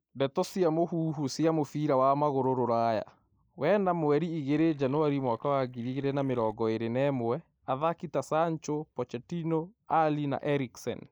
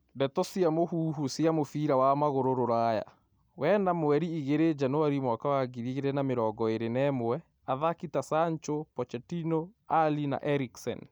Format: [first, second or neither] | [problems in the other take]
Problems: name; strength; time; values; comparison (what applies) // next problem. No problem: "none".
second | noise reduction (neural mask model Resemble Enhance denoiser)